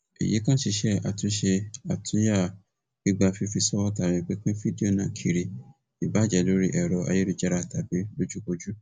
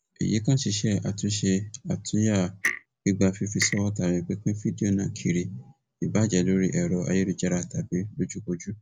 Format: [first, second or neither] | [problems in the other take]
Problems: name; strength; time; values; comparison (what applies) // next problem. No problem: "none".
first | background sound (Clock); 9 dB below the speech